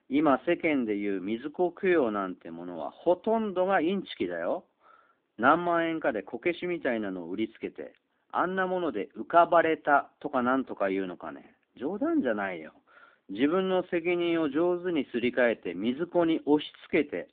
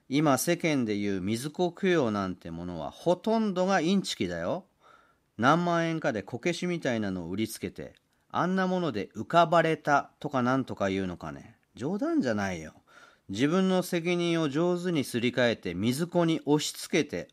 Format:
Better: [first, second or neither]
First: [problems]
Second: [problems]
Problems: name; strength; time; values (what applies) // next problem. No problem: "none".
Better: second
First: phone-call audio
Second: none